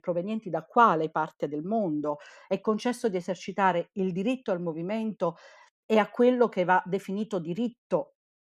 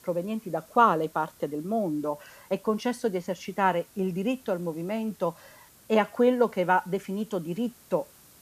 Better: first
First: none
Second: hiss; faint; throughout; 25 dB below the speech

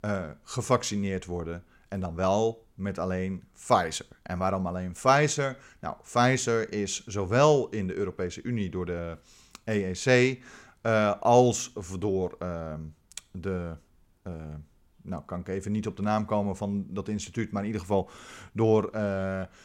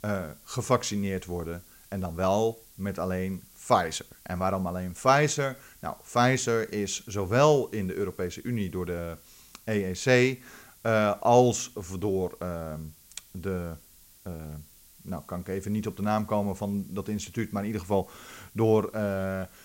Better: first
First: none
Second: hiss; faint; throughout; 25 dB below the speech

